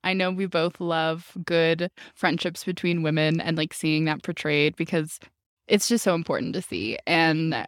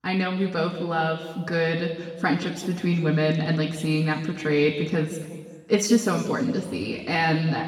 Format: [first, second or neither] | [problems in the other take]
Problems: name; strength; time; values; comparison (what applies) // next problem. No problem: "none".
first | room echo; noticeable; dies away in 1.4 s // off-mic speech; far